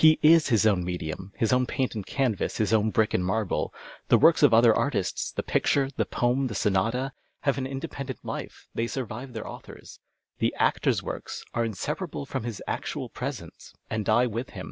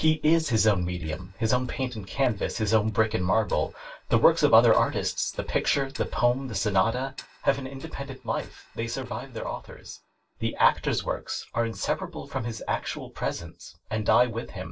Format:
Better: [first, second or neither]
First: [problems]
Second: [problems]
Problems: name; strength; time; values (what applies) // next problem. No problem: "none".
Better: first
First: none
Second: noise reduction (neural separator model SepFormer DNS4)